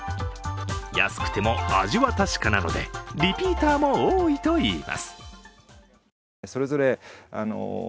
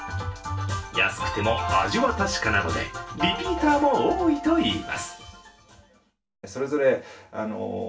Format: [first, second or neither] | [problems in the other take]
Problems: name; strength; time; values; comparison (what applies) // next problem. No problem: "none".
first | room echo; dies away in 0.3 s